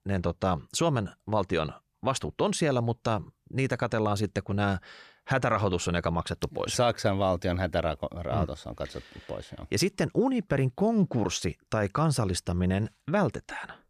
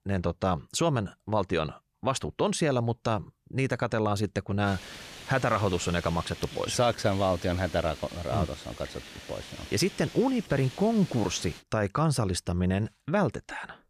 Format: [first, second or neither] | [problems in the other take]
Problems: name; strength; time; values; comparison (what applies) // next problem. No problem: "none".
first | hiss; noticeable; from 4.5 to 12 s; 15 dB below the speech